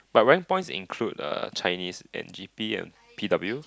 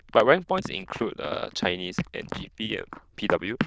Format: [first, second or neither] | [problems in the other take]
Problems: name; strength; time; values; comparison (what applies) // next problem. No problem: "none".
first | noise reduction (neural diffusion model UNIVERSE++)